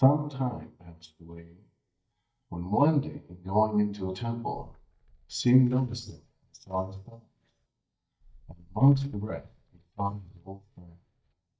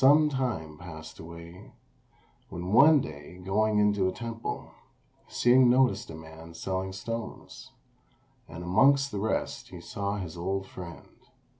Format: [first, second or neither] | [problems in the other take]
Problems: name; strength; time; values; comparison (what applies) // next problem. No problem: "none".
second | noise reduction (neural mask model DeepFilterNet 3)